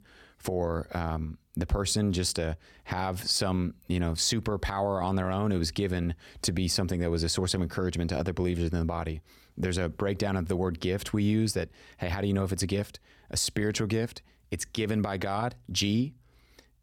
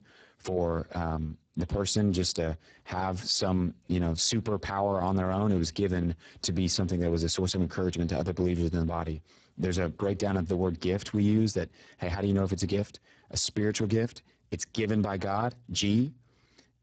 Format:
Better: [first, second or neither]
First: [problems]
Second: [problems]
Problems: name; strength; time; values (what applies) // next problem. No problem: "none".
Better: first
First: none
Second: garbled, watery; badly; nothing above 8 kHz